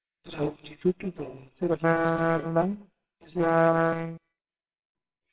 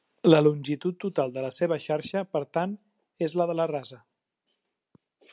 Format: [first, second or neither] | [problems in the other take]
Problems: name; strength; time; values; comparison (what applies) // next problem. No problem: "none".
second | noise reduction (neural separator model SepFormer WHAMR!)